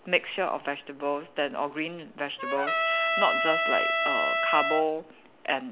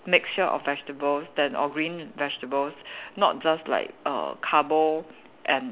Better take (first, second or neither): second